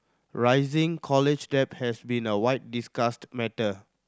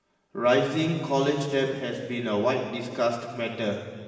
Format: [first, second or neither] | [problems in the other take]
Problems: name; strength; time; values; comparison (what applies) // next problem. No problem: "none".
first | room echo; dies away in 1.6 s